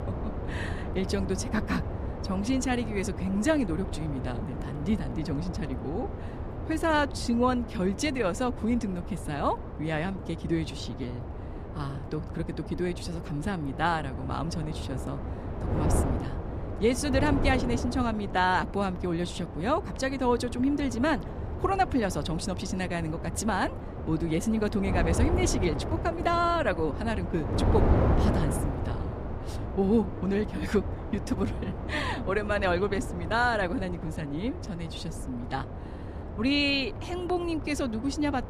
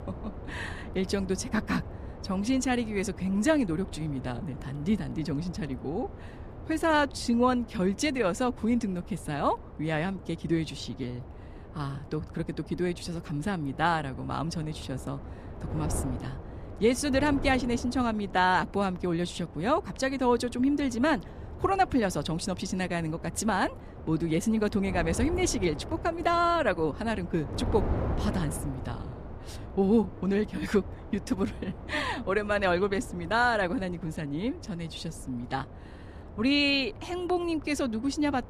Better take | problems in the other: second | wind noise on the microphone; heavy; 9 dB below the speech; occasional gusts in the second

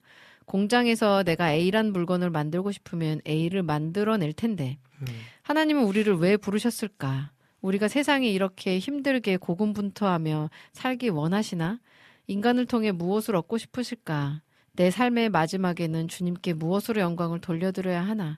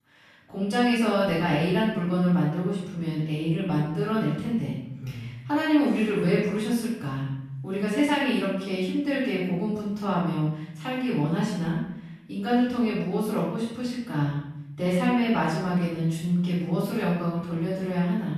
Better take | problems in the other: first | off-mic speech; far // room echo; strong; dies away in 0.8 s

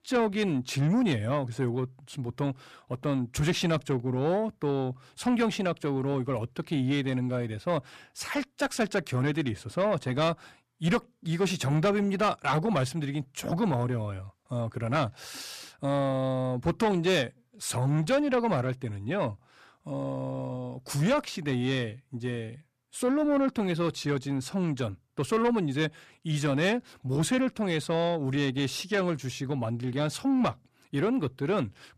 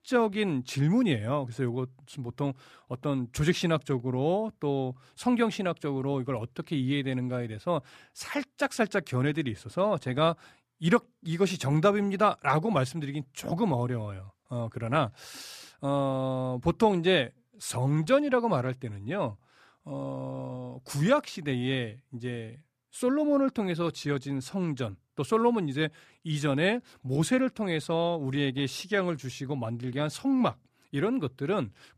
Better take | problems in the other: second | distortion; slight; 10 dB below the speech

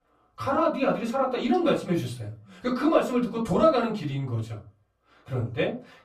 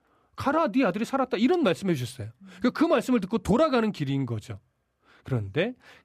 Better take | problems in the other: second | off-mic speech; far // room echo; very slight; dies away in 0.3 s

